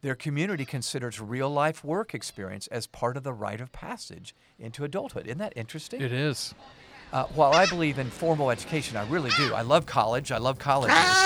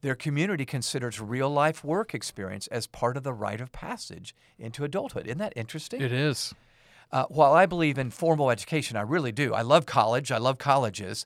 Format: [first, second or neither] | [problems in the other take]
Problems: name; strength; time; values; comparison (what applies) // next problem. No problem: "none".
second | animal sounds; very loud; throughout; 1 dB above the speech